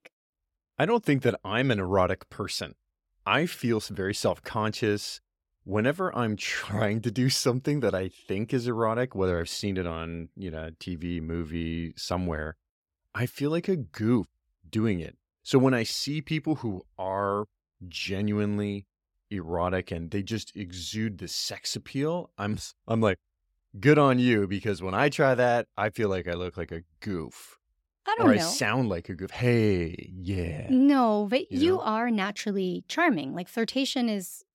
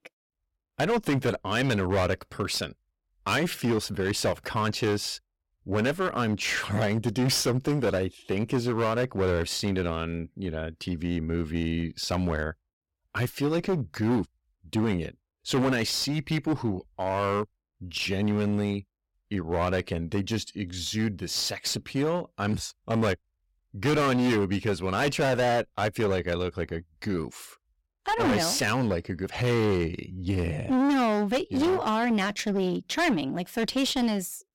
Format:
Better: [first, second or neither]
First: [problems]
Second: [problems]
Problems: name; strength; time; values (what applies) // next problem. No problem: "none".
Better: first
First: none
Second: distortion; heavy; 15% of the sound clipped